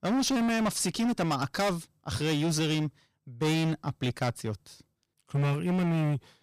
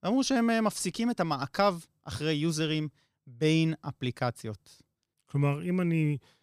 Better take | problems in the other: second | distortion; heavy; 20% of the sound clipped

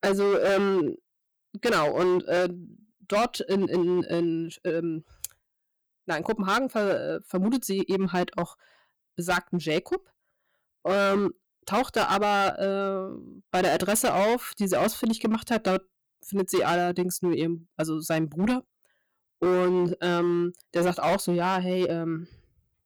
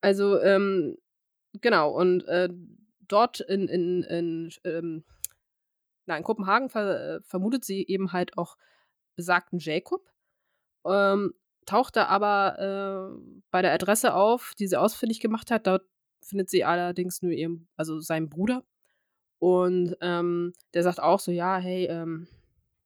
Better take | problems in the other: second | distortion; heavy; 12% of the sound clipped

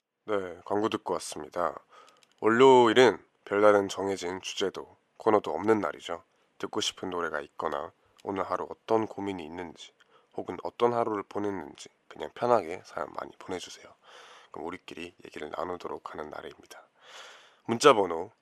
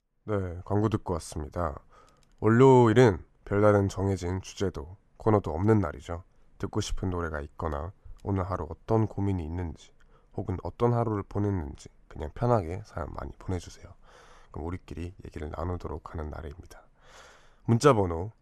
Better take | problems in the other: second | thin; somewhat; fading below 350 Hz

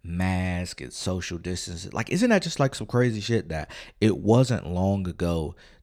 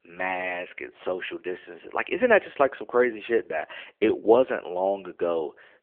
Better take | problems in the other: first | phone-call audio

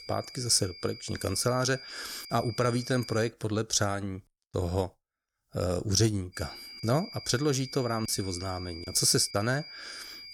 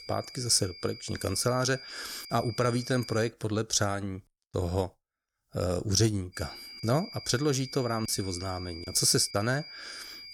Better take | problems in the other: neither | high-pitched whine; noticeable; until 3.5 s and from 6.5 s on; 5 kHz, 15 dB below the speech; the same in both

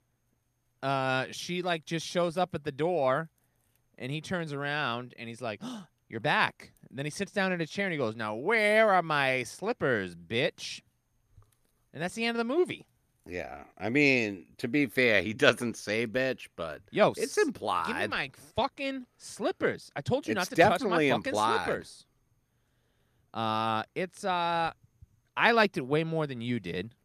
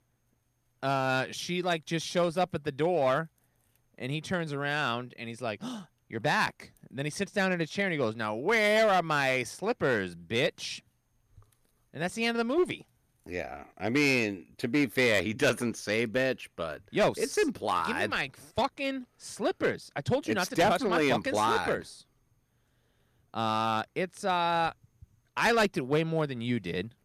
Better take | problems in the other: first | distortion; slight; 3% of the sound clipped

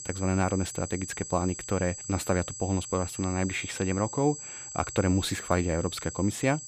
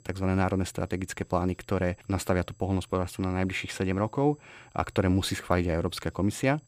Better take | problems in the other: second | high-pitched whine; loud; throughout; 7.5 kHz, 9 dB below the speech; faint in the second

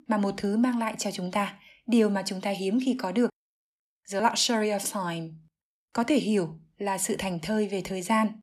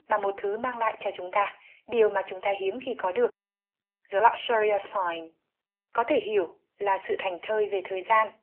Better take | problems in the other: first | phone-call audio; poor line; nothing above 3 kHz

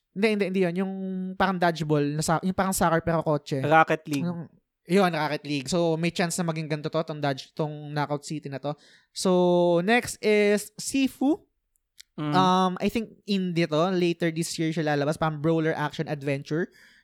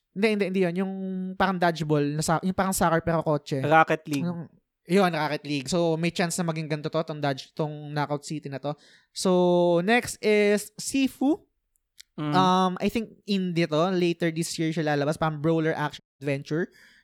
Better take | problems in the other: first | audio cutting out; at 16 s

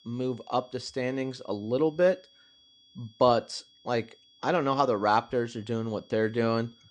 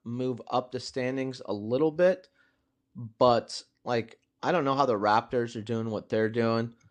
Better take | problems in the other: second | high-pitched whine; faint; throughout; 3.5 kHz, 30 dB below the speech

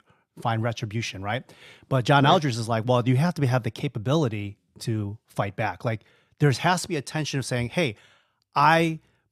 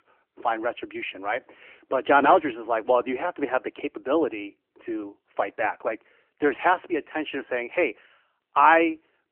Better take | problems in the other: first | phone-call audio; nothing above 3 kHz

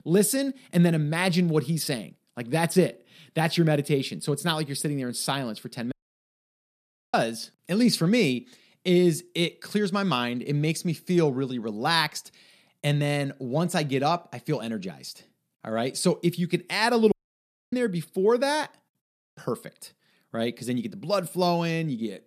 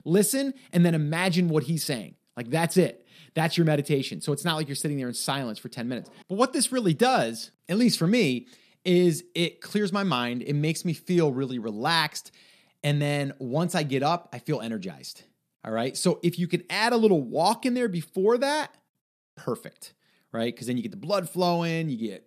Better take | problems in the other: second | audio cutting out; at 6 s for 1 s and at 17 s for 0.5 s

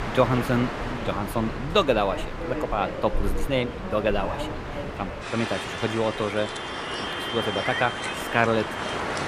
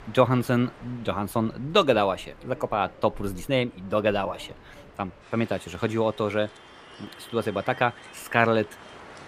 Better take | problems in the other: second | train or aircraft noise; loud; throughout; 4 dB below the speech; faint in the second

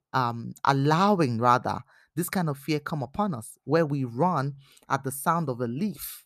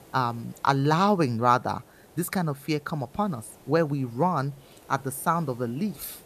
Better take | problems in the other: first | hiss; faint; throughout; 25 dB below the speech

